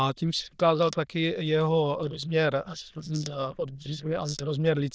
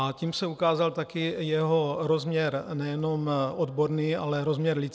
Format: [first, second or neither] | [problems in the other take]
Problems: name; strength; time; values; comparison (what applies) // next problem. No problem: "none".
second | noise reduction (neural diffusion model UNIVERSE++)